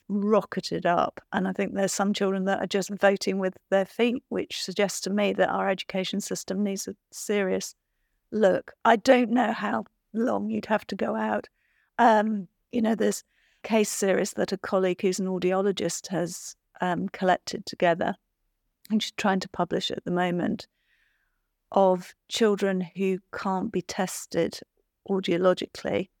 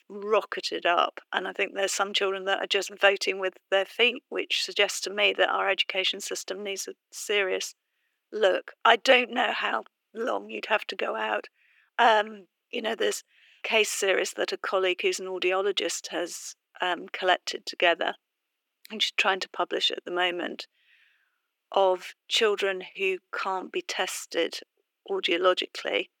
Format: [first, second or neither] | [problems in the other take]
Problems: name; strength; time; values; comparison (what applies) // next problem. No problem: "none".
first | thin; somewhat; fading below 350 Hz